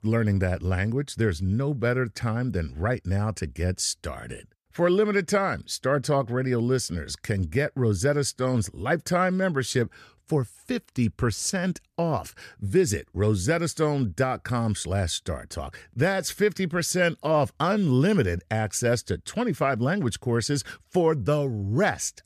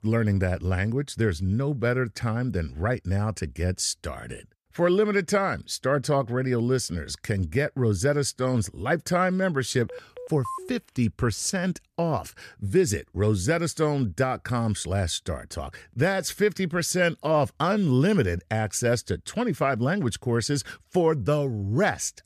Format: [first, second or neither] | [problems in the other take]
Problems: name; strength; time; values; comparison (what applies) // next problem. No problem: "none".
first | phone ringing; faint; at 10 s; peak 10 dB below the speech